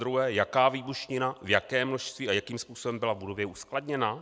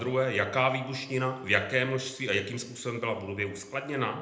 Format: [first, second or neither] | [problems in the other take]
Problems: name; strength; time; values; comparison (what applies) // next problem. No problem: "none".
first | room echo; dies away in 0.7 s